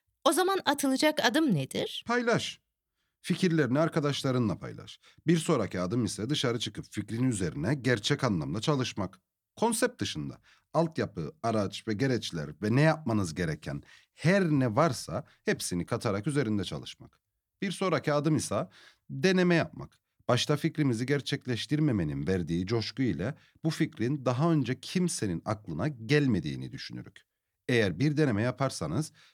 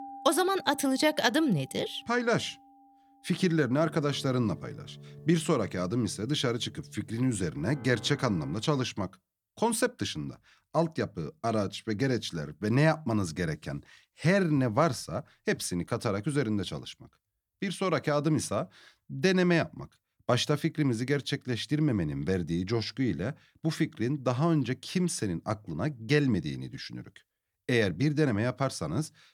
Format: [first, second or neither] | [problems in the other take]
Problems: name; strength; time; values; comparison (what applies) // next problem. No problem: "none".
first | background music; noticeable; until 8.5 s; 20 dB below the speech